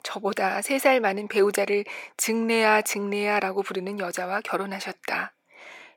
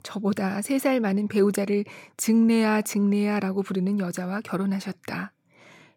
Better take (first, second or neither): second